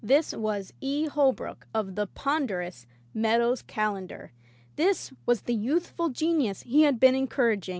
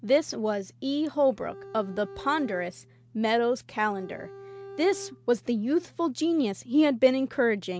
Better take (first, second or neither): first